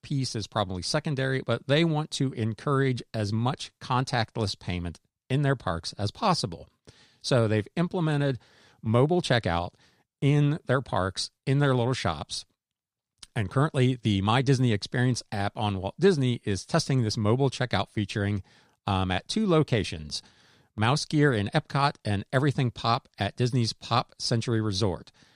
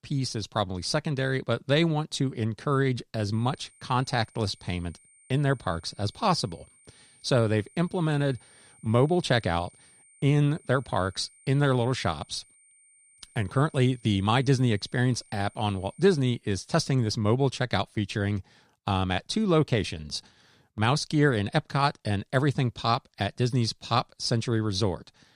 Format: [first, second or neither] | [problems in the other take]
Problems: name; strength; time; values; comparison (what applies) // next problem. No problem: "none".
first | high-pitched whine; faint; from 3.5 to 16 s; 8.5 kHz, 30 dB below the speech